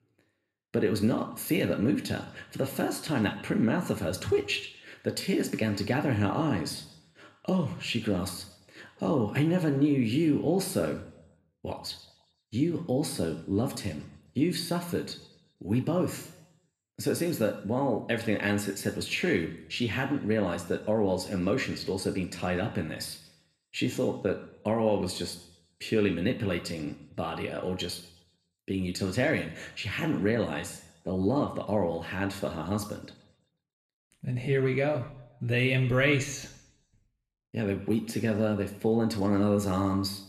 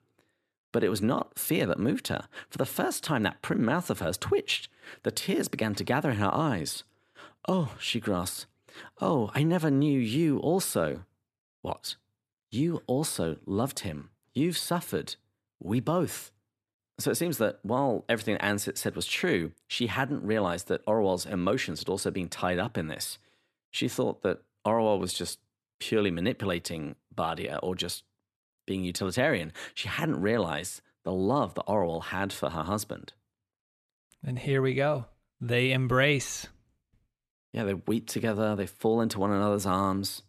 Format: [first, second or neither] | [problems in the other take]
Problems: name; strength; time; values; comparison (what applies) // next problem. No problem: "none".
second | room echo; slight; dies away in 0.7 s